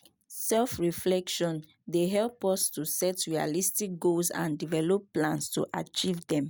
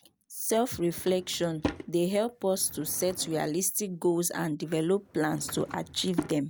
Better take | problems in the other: first | background sound (Drawer open or close / Wood); 13 dB below the speech

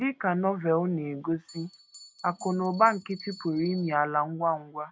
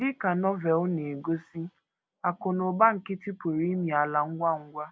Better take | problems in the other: second | noise reduction (neural mask model RNNoise)

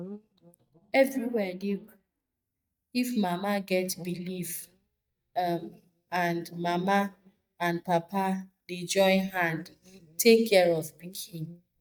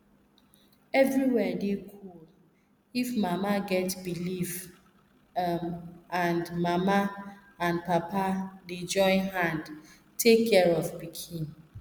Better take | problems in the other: second | noise reduction (neural mask model DeepFilterNet 3)

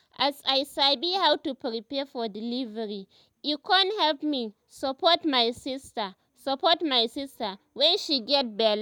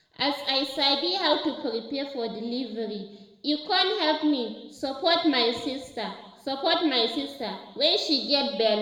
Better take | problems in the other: first | room echo; dies away in 1 s

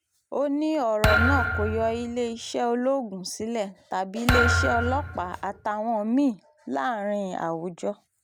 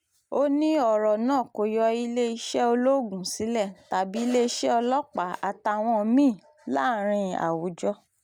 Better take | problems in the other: second | background sound (Thump, thud); 1 dB above the speech

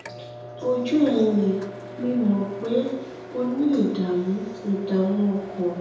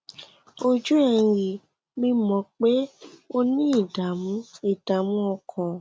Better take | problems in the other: second | background sound (Microwave oven); 14 dB below the speech // room echo; dies away in 0.8 s

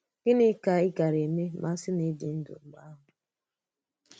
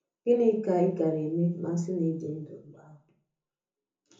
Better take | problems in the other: first | room echo; dies away in 0.6 s

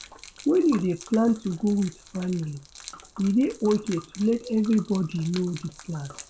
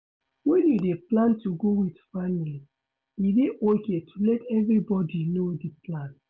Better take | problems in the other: second | background sound (Gurgling / Liquid); 19 dB below the speech

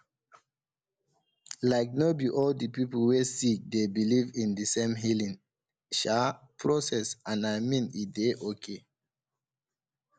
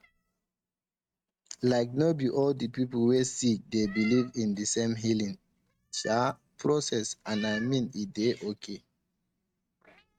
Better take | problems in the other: first | noise reduction (neural mask model RNNoise)

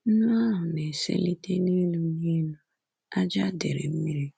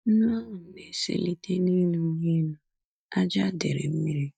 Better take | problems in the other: first | noise reduction (neural mask model DeepFilterNet 3)

